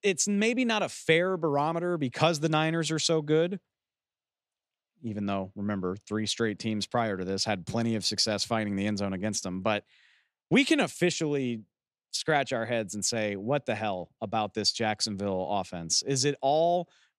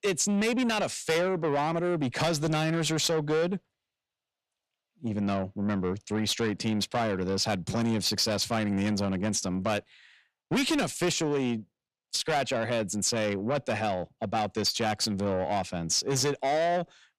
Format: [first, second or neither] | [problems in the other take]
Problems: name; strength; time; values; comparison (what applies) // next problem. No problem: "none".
first | distortion; heavy; 7 dB below the speech